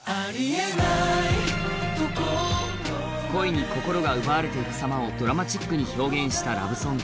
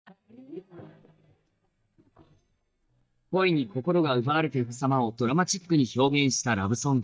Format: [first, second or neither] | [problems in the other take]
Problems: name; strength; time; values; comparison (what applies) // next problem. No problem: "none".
first | noise reduction (neural mask model DeepFilterNet 3)